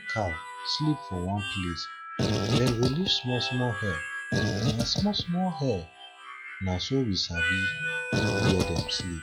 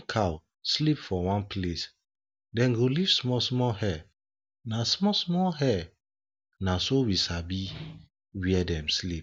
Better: second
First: noise reduction (classical method log-MMSE)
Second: none

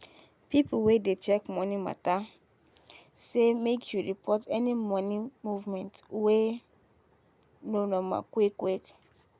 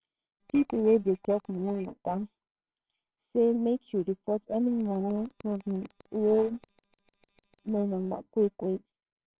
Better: first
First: none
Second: noise reduction (neural separator model SepFormer WHAMR!)

